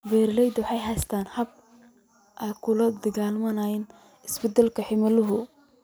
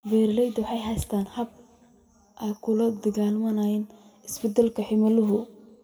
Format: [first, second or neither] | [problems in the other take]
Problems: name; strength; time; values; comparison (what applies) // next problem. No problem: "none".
first | room echo; dies away in 1 s